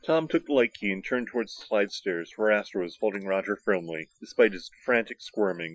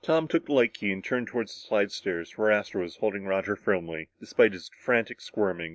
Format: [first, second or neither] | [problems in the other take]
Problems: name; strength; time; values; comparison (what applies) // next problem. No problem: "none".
second | noise reduction (classical method Wiener filter)